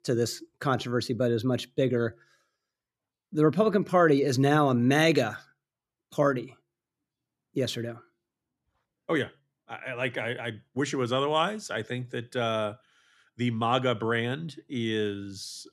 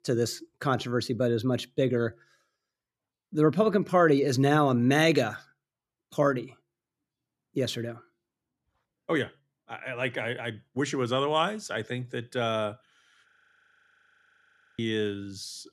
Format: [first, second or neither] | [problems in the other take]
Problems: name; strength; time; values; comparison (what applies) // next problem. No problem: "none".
first | audio freezing; at 13 s for 1.5 s